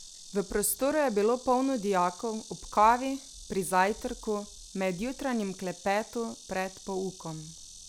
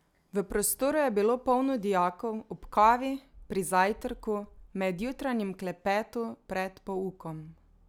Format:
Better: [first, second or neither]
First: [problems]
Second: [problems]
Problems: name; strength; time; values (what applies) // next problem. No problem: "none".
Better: second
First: background sound (Insect); 18 dB below the speech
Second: none